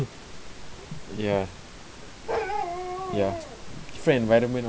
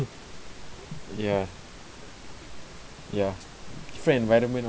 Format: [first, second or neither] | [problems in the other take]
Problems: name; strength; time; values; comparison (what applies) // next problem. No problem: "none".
second | background sound (Bark); 5 dB below the speech